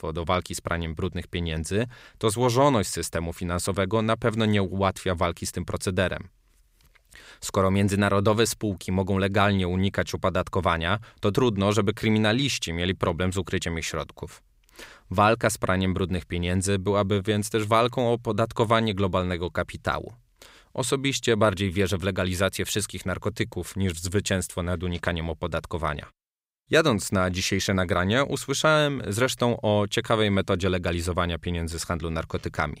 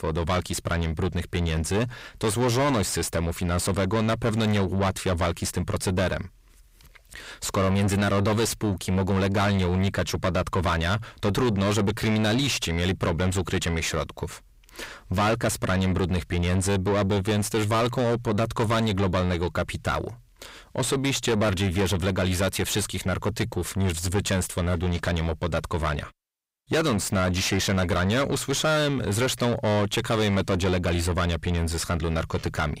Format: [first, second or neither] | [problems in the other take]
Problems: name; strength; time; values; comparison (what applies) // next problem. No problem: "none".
first | distortion; heavy; 6 dB below the speech